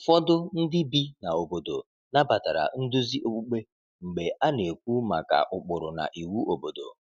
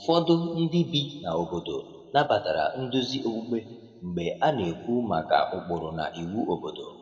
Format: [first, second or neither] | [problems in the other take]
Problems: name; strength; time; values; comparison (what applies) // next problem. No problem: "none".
first | room echo; dies away in 1.5 s